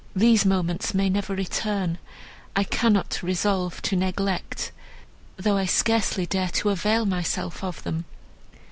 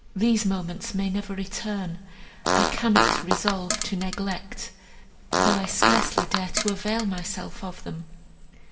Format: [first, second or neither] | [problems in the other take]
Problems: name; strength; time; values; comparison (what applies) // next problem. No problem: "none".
first | background sound (Fart); 2 dB above the speech // room echo; dies away in 1.5 s